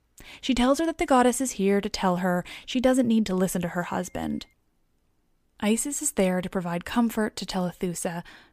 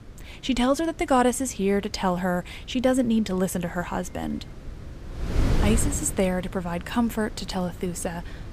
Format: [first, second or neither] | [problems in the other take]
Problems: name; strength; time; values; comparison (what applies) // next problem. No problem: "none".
first | wind noise on the microphone; occasional gusts; 15 dB below the speech